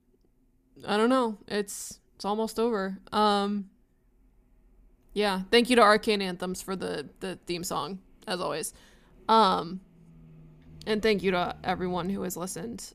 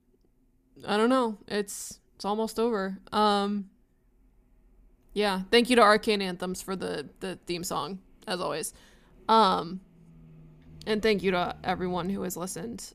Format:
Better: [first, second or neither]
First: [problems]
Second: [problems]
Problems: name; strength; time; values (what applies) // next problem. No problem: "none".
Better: neither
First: none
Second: none